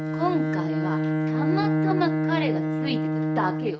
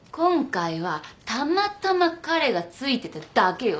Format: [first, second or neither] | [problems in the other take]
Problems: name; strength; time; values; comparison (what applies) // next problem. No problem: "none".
second | noise reduction (neural mask model RNNoise)